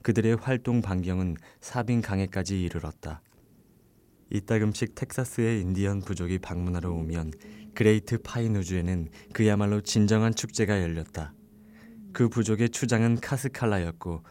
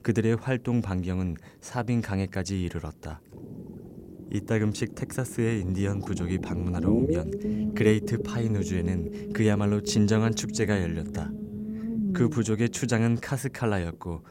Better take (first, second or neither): first